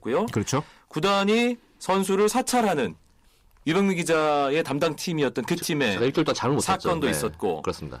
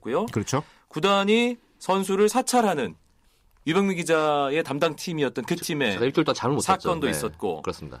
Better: second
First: distortion; slight; 10 dB below the speech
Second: none

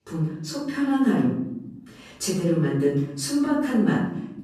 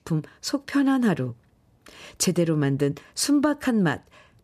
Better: second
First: off-mic speech; far // room echo; noticeable; dies away in 0.9 s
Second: none

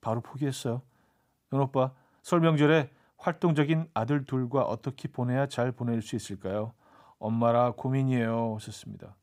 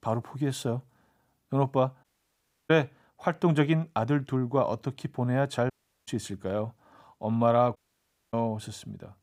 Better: first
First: none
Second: audio cutting out; at 2 s for 0.5 s, at 5.5 s and at 8 s for 0.5 s

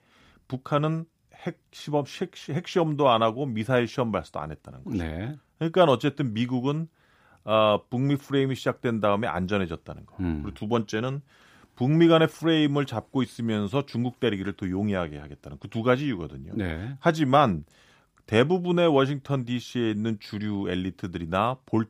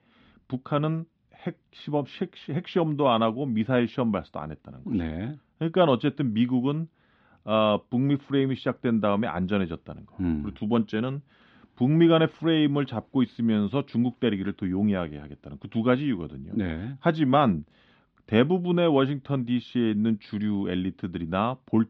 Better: first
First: none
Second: muffled; slightly; fading above 3.5 kHz

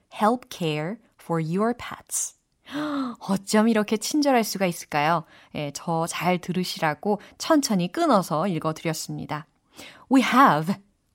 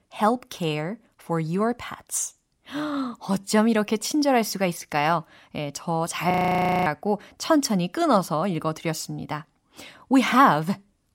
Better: first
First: none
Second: audio freezing; at 6.5 s for 0.5 s

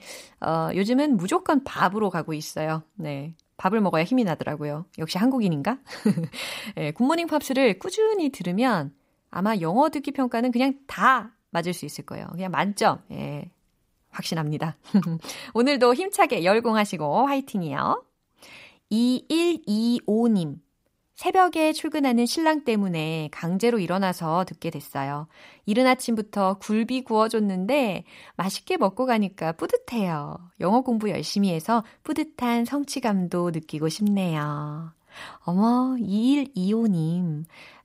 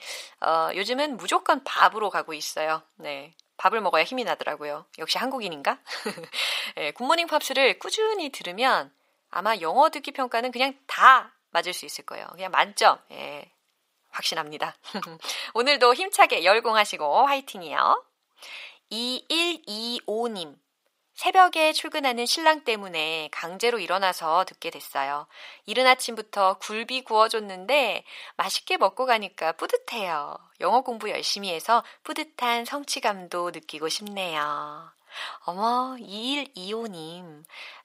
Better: first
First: none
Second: thin; very; fading below 650 Hz

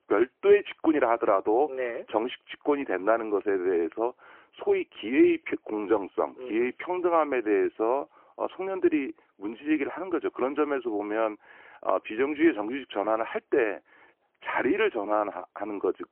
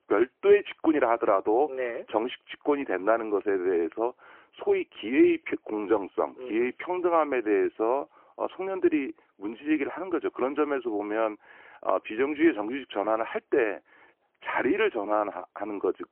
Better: neither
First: phone-call audio; poor line; nothing above 3 kHz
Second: phone-call audio; poor line; nothing above 3 kHz

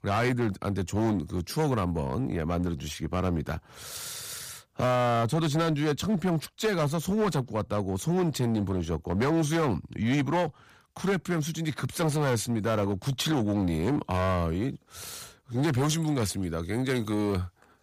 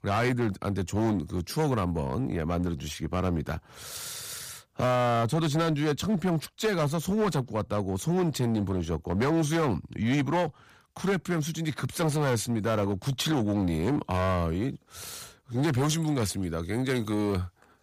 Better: neither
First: distortion; slight; 10% of the sound clipped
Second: distortion; slight; 10% of the sound clipped

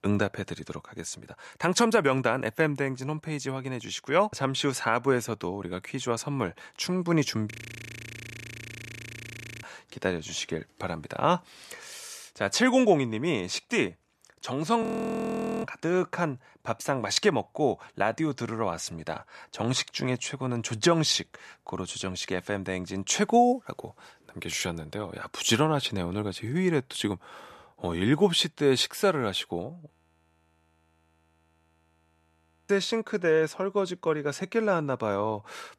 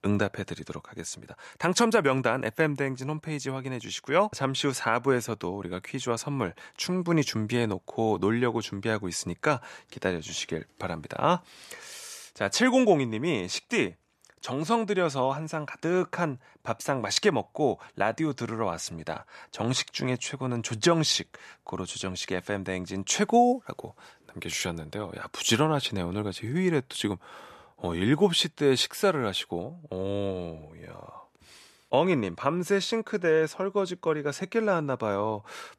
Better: second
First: audio freezing; at 7.5 s for 2 s, at 15 s for 1 s and at 30 s for 3 s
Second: none

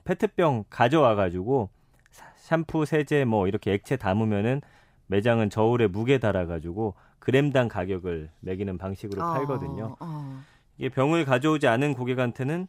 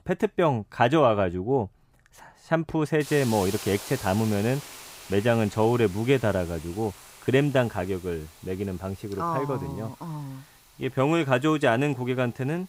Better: first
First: none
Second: hiss; noticeable; throughout; 15 dB below the speech

